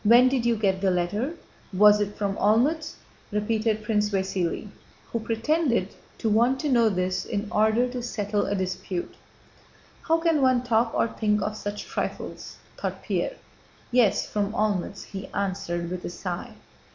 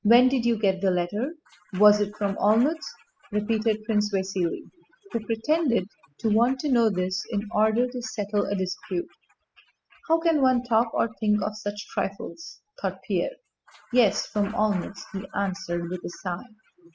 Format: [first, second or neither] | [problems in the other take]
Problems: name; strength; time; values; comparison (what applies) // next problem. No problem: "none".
first | noise reduction (classical method spectral subtraction)